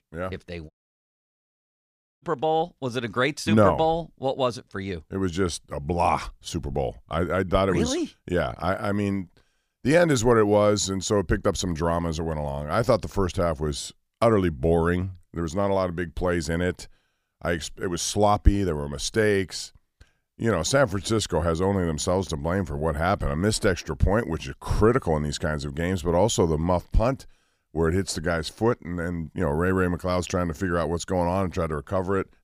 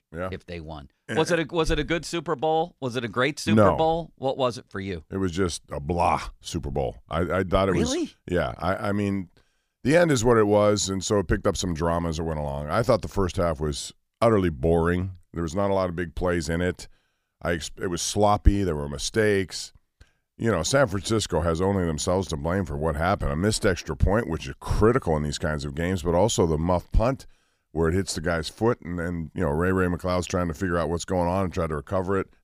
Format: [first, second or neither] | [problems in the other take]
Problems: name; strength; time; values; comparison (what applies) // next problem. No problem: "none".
second | audio cutting out; at 0.5 s for 1.5 s